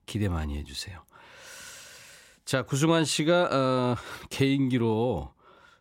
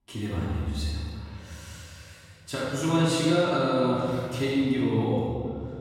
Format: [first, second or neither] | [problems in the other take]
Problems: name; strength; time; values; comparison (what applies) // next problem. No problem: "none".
first | off-mic speech; far // room echo; strong; dies away in 2.2 s